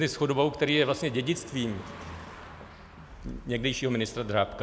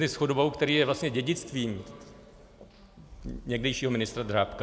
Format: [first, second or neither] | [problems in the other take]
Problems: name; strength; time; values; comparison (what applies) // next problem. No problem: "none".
second | background sound (Car passing by); 19 dB below the speech